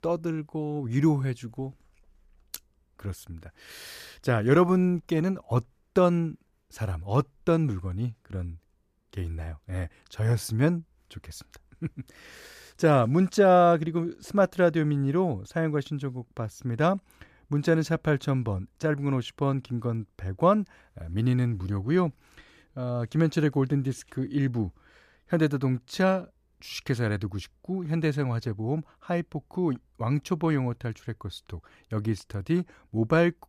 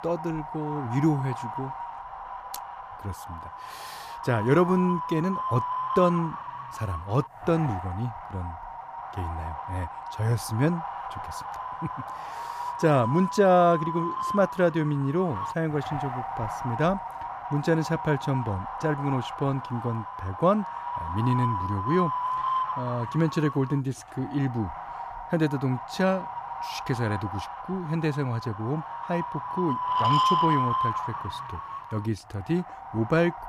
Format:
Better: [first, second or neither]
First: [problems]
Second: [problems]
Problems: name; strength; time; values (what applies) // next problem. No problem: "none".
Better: first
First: none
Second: wind noise on the microphone; heavy; 1 dB below the speech